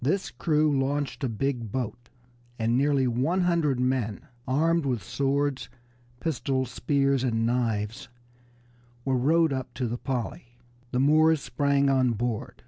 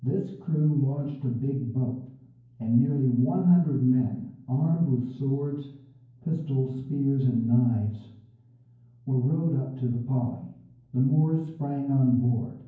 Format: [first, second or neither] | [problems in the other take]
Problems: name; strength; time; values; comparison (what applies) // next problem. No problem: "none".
first | room echo; dies away in 0.9 s